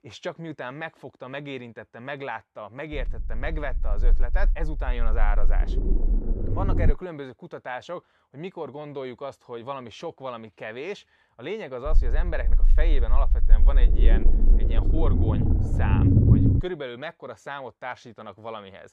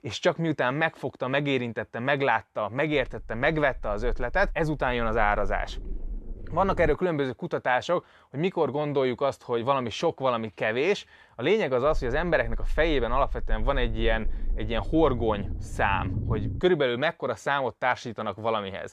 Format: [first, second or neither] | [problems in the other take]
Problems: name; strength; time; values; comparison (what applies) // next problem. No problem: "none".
second | low rumble; loud; from 3 to 7 s and from 12 to 17 s; as loud as the speech; faint in the second